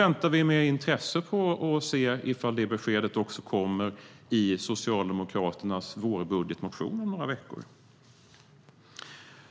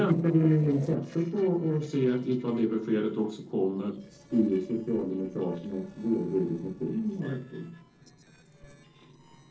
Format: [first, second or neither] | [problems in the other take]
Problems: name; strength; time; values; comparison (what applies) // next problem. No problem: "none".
first | noise reduction (neural separator model SepFormer DNS4)